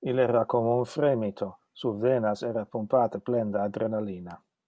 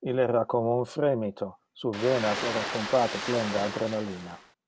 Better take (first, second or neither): first